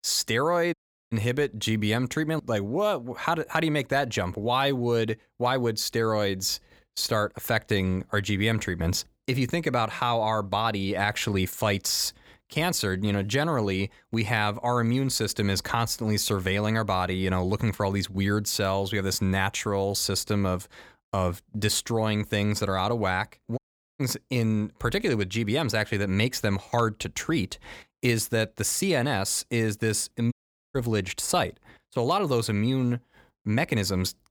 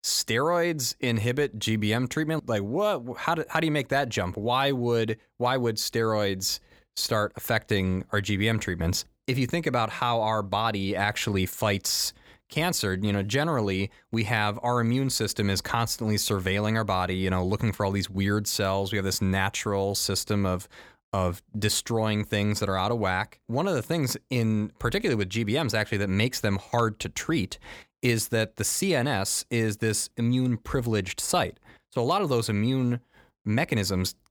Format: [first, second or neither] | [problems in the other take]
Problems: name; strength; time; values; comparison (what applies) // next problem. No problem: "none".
second | audio cutting out; at 0.5 s, at 24 s and at 30 s